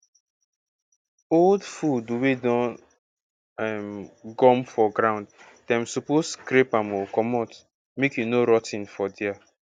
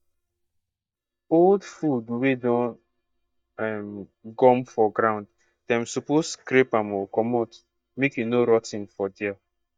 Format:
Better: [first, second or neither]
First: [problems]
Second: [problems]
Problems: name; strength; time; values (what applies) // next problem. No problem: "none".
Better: first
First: none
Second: noise reduction (neural mask model DeepFilterNet 3)